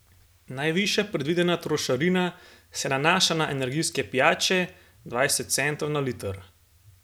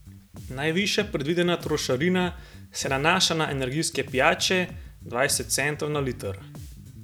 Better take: first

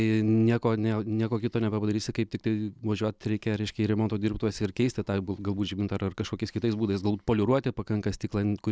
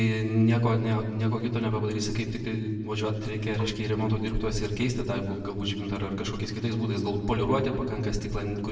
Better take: first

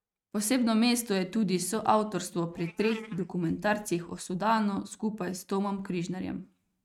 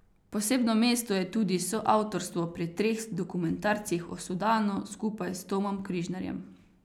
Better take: second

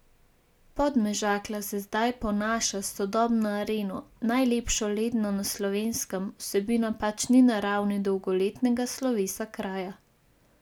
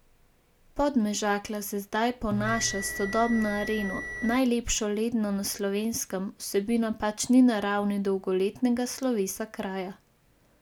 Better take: first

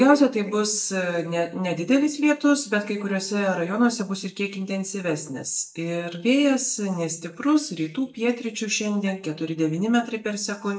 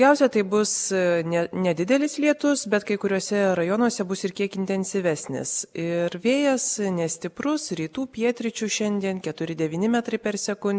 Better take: second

